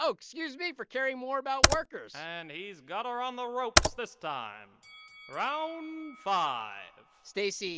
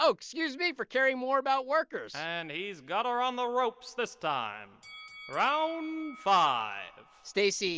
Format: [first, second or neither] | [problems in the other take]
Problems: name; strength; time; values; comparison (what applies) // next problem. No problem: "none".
second | background sound (Computer keyboard); 5 dB above the speech